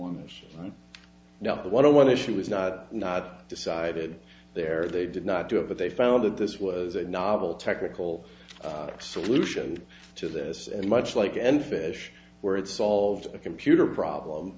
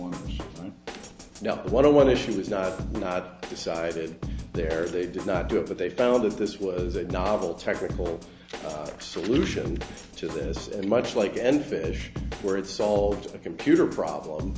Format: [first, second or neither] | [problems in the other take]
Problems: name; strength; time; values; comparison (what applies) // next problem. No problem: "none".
first | background sound (Drum kit); 10 dB below the speech